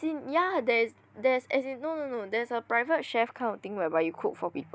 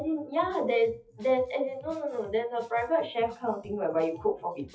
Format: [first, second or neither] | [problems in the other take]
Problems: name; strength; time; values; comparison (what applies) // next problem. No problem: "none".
first | noise reduction (classical method WPE with log-MMSE)